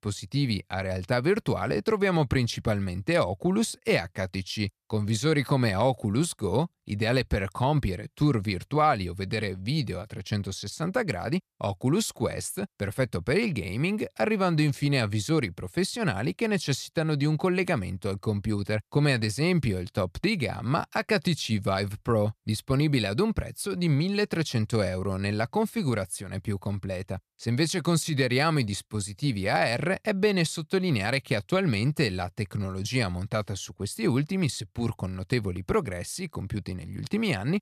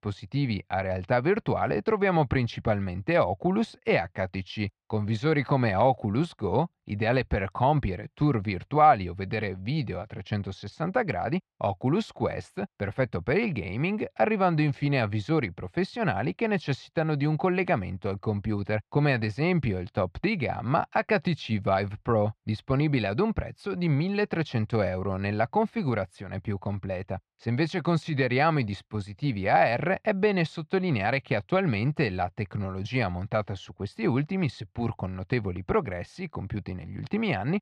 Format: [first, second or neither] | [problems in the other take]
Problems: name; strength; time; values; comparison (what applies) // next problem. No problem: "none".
first | muffled; slightly; fading above 2.5 kHz